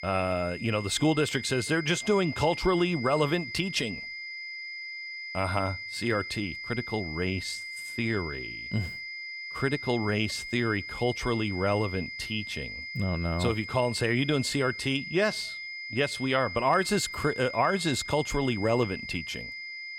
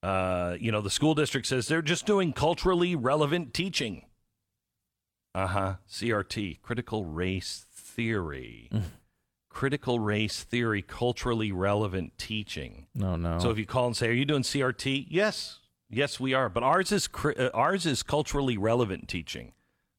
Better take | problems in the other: second | high-pitched whine; loud; throughout; 2 kHz, 8 dB below the speech

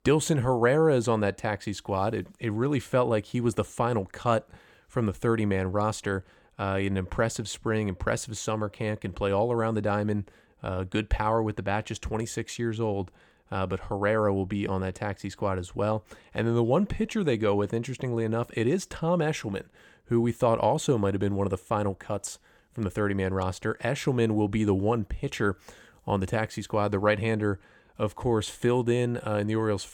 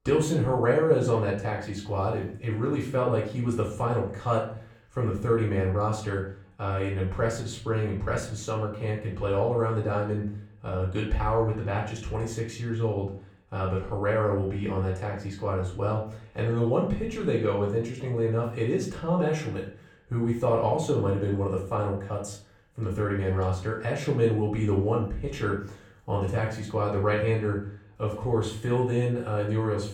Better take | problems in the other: first | off-mic speech; far // room echo; slight; dies away in 0.5 s

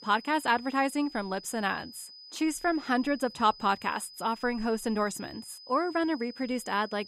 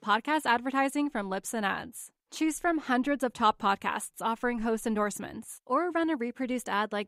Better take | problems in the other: second | high-pitched whine; noticeable; throughout; 5 kHz, 15 dB below the speech

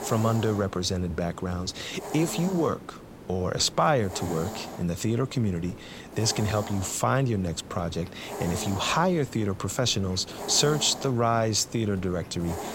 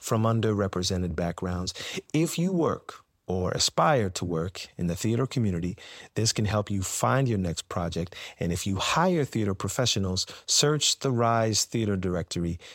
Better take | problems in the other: second | hiss; noticeable; throughout; 15 dB below the speech

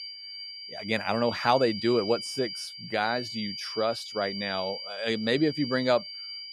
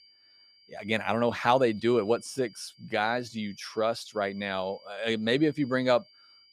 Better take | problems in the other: second | high-pitched whine; loud; throughout; 4.5 kHz, 8 dB below the speech; faint in the second

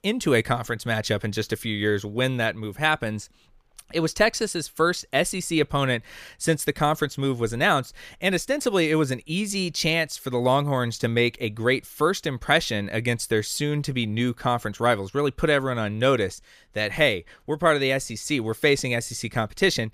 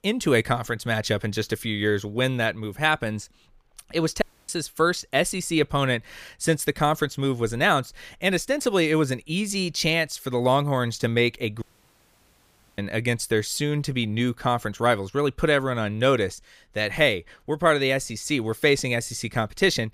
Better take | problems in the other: first | audio cutting out; at 4 s and at 12 s for 1 s

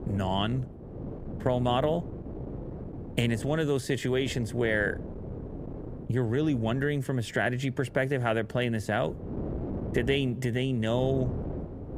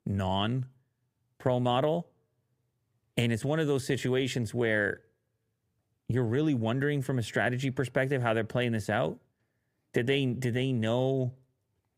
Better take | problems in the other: second | wind noise on the microphone; occasional gusts; 15 dB below the speech

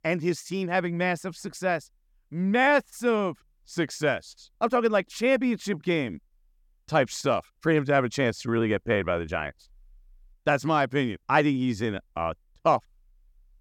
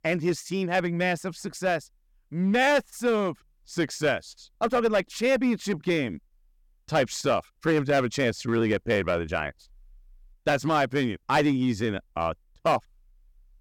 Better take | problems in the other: first | distortion; slight; 4% of the sound clipped

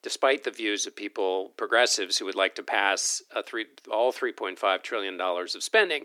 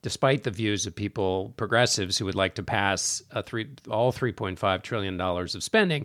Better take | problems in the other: second | thin; very; fading below 300 Hz

